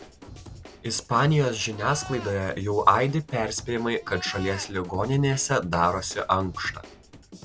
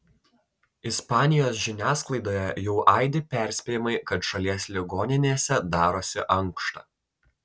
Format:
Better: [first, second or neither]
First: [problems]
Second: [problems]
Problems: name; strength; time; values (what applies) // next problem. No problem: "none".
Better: second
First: background sound (Drum / Drum kit + Livestock, farm animals, working animals); 17 dB below the speech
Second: none